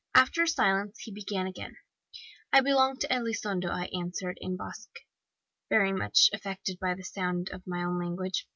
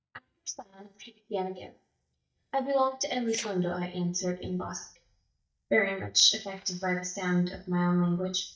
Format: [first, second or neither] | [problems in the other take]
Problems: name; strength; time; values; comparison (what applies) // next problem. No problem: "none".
first | noise reduction (neural mask model DeepFilterNet 3)